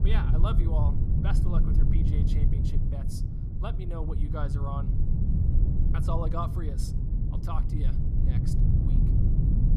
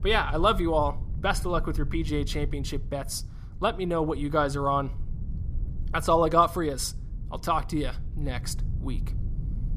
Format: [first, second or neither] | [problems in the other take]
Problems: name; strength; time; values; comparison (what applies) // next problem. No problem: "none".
second | low rumble; loud; throughout; 2 dB below the speech; faint in the second